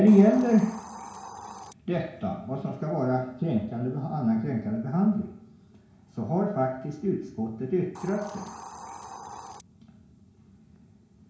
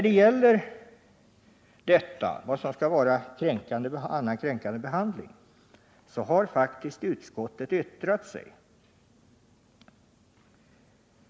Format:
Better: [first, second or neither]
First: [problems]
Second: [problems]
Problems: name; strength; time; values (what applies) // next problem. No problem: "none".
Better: second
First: background sound (Hiss); 20 dB below the speech // room echo; dies away in 0.6 s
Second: none